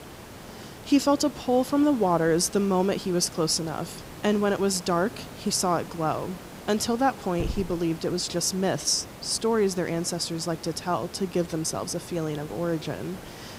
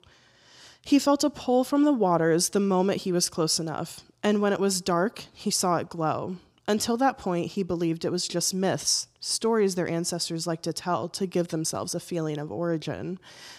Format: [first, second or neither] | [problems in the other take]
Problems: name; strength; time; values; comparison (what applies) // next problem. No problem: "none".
second | hiss; noticeable; throughout; 15 dB below the speech